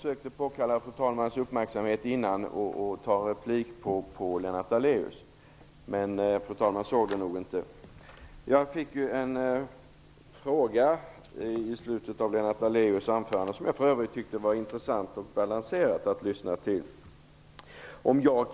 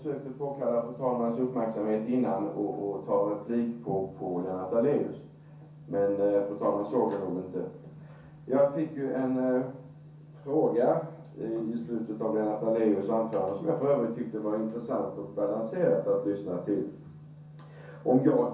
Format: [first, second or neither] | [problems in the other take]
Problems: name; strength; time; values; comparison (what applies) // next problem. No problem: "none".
first | room echo; dies away in 0.6 s